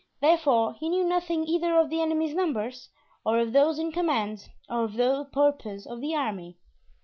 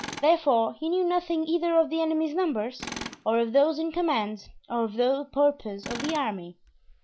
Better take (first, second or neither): first